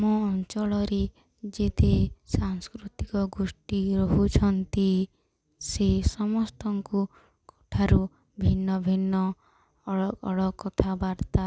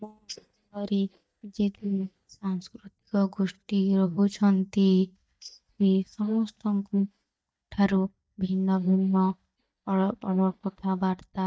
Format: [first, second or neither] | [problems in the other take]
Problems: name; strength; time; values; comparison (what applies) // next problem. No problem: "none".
first | noise reduction (neural mask model DeepFilterNet 3)